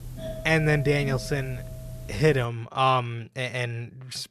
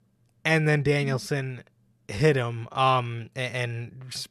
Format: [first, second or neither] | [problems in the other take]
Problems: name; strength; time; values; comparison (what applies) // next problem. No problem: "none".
second | doorbell; faint; until 2.5 s; peak 10 dB below the speech